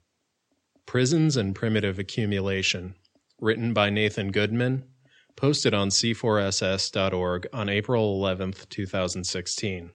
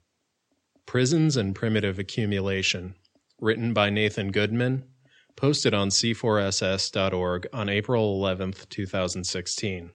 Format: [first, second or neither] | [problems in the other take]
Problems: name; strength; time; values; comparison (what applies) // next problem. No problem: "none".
neither | none